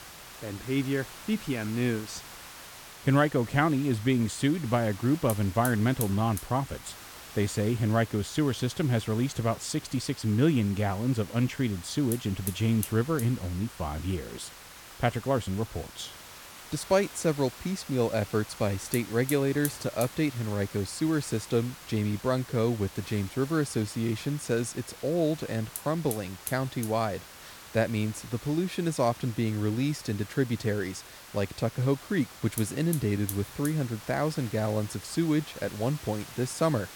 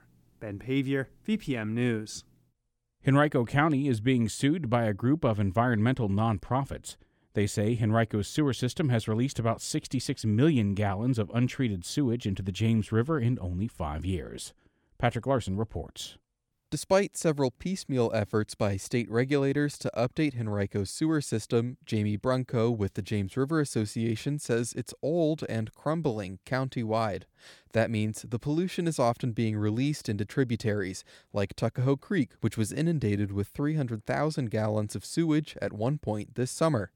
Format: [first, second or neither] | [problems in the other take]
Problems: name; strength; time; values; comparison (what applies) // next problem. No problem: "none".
second | hiss; noticeable; throughout; 15 dB below the speech